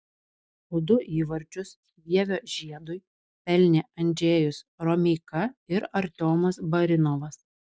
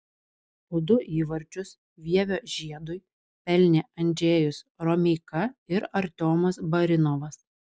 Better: second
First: noise reduction (neural mask model DeepFilterNet 3)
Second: none

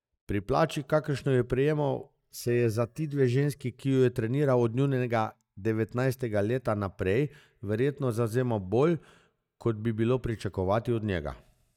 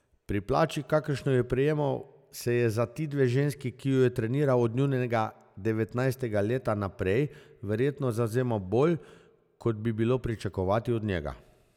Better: second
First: noise reduction (neural mask model DeepFilterNet 3)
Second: none

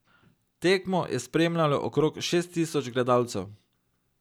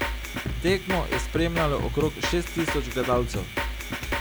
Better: first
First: none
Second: background sound (Drum kit); 1 dB below the speech

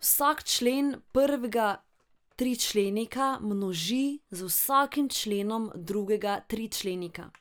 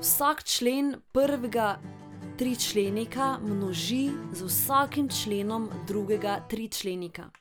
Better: first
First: none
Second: background sound (Acoustic guitar); 13 dB below the speech

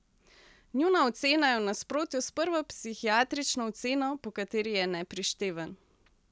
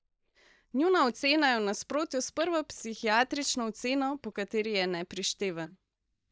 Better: first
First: none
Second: noise reduction (neural mask model DeepFilterNet 3)

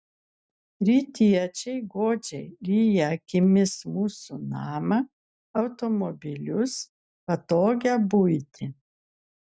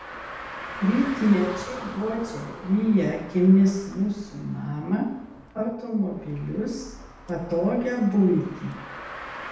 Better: first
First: none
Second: background sound (Car); 15 dB below the speech // room echo; dies away in 0.8 s

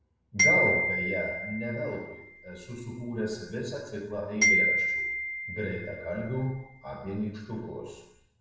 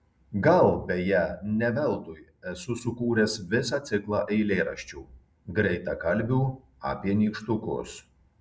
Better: second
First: background sound (Glockenspiel); 3 dB above the speech // room echo; dies away in 0.8 s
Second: none

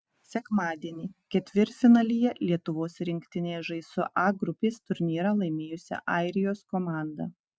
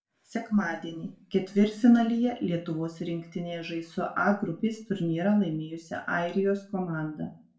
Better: first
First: none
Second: room echo; dies away in 0.3 s

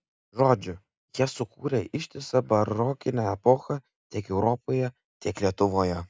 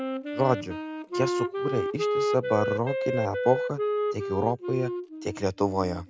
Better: first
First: none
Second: background sound (Wind instrument, woodwind instrument); 1 dB below the speech

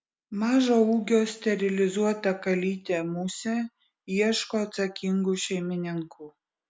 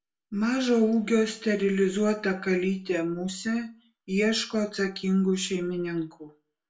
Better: first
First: none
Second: room echo; dies away in 0.2 s

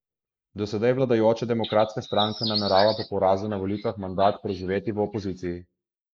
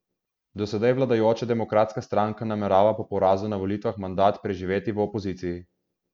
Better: second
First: noise reduction (neural mask model Resemble Enhance denoiser)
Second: none

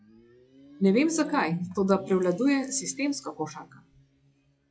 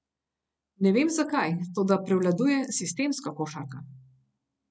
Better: second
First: noise reduction (classical method log-MMSE)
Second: none

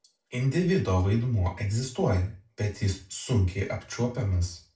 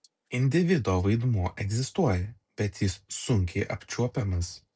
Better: second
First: room echo; dies away in 0.3 s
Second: none

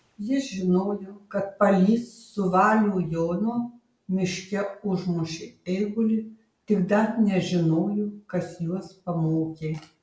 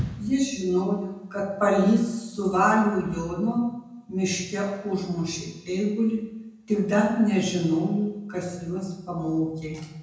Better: first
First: none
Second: room echo; dies away in 0.9 s

